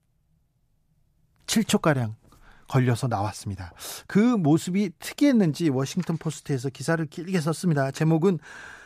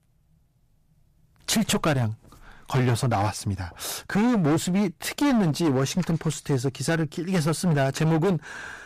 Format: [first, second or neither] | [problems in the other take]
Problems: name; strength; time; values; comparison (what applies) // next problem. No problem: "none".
first | distortion; heavy; 16% of the sound clipped